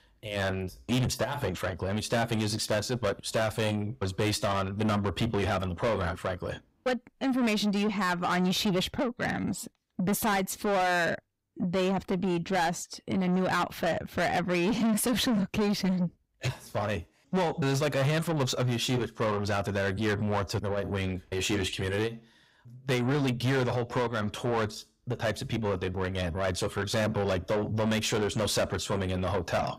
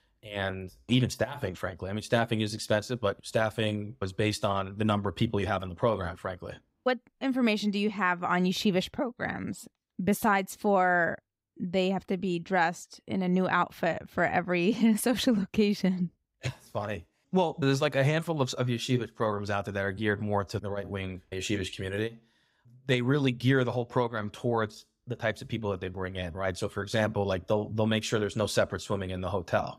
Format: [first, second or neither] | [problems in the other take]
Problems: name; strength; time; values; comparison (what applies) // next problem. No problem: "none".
second | distortion; heavy; 6 dB below the speech